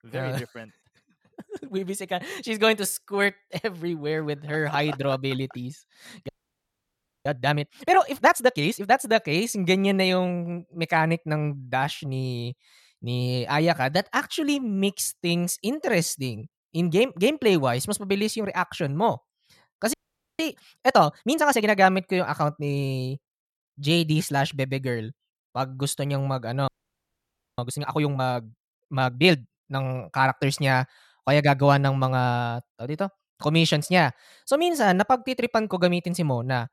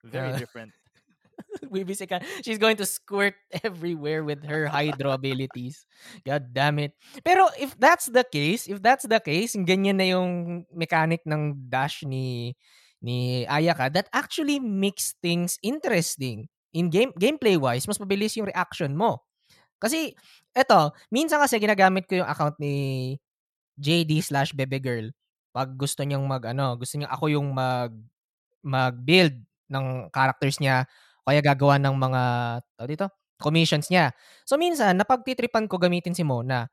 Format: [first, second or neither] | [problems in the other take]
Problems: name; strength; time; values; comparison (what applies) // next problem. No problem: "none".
second | audio freezing; at 6.5 s for 1 s, at 20 s and at 27 s for 1 s